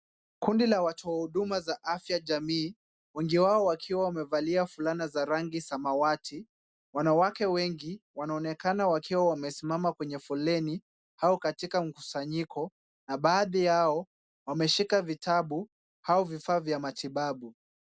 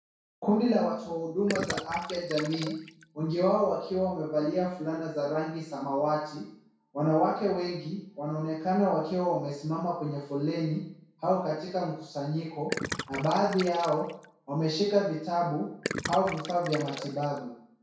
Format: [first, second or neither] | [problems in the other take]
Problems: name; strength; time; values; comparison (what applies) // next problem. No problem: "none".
first | background sound (Gurgling); 8 dB below the speech // room echo; dies away in 0.6 s